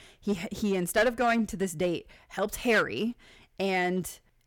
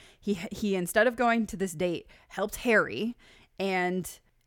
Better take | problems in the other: second | distortion; slight; 4% of the sound clipped

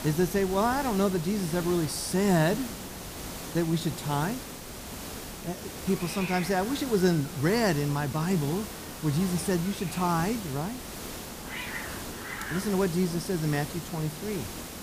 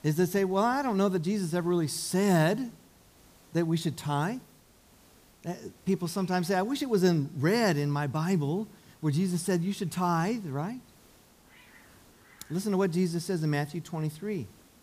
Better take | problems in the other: second | hiss; loud; throughout; 9 dB below the speech; faint in the second

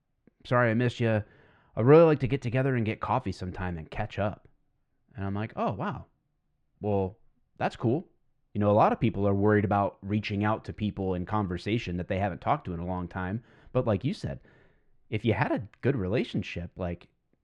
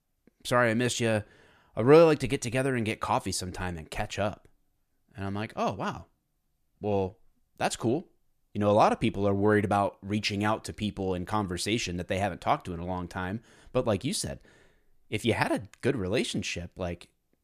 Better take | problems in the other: second | muffled; slightly; fading above 2.5 kHz

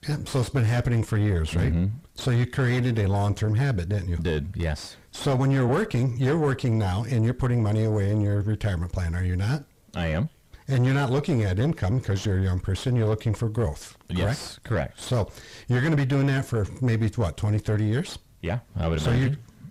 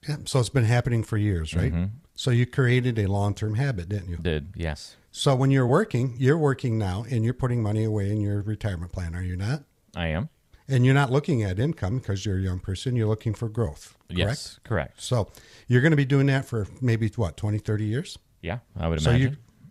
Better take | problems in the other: second | distortion; heavy; 6 dB below the speech

